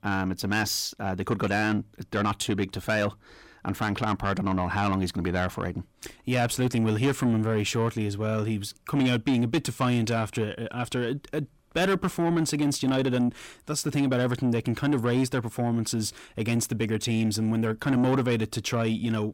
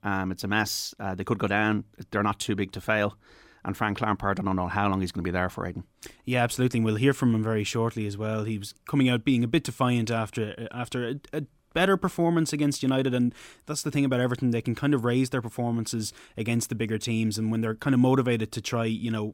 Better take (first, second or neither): second